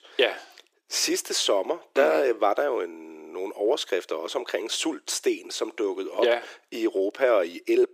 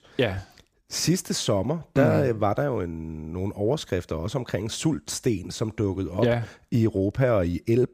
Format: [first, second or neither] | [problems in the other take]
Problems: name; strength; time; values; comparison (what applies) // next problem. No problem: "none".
second | thin; very; fading below 350 Hz